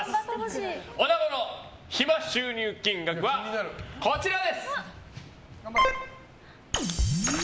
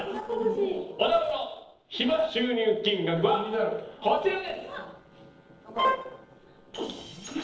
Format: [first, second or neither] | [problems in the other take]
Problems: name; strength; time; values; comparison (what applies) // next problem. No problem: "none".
first | noise reduction (neural separator model SepFormer DNS4)